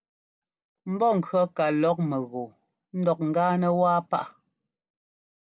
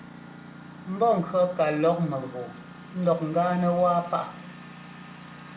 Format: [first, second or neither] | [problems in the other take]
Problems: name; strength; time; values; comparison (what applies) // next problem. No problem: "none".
first | background sound (Engine); 16 dB below the speech // room echo; dies away in 1.1 s